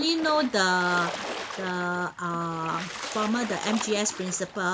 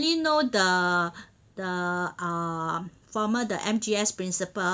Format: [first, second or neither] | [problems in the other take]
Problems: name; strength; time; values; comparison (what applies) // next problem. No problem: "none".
second | background sound (Splash, splatter); 10 dB below the speech